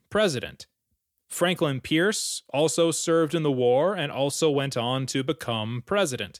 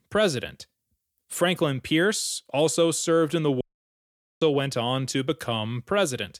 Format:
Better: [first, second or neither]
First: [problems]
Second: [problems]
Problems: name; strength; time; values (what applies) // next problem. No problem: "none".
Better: first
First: none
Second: audio cutting out; at 3.5 s for 1 s